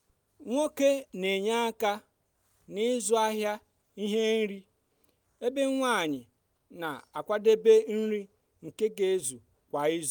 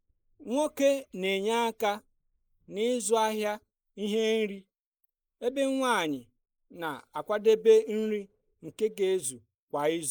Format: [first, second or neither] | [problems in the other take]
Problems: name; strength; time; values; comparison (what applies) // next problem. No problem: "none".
first | noise reduction (neural mask model Resemble Enhance denoiser)